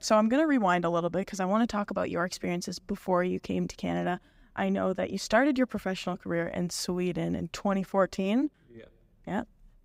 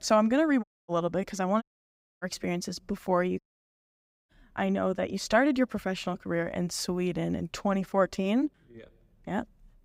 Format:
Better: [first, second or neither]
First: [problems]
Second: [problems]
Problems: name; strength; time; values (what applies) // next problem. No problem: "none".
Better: first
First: none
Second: audio cutting out; at 0.5 s, at 1.5 s for 0.5 s and at 3.5 s for 1 s